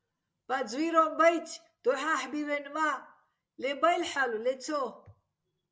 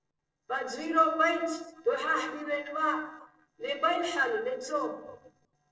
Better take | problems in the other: first | noise reduction (neural separator model SepFormer DNS4)

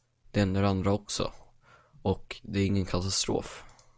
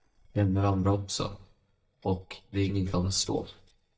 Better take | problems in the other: first | noise reduction (neural mask model DeepFilterNet 3)

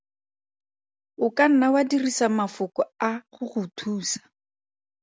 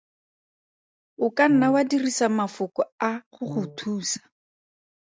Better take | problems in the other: first | noise reduction (neural mask model DeepFilterNet 3)

